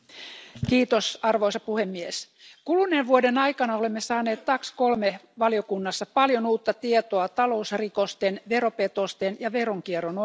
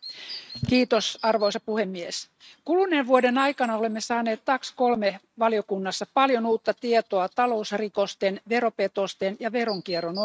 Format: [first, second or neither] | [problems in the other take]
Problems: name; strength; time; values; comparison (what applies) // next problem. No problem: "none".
first | noise reduction (neural mask model RNNoise)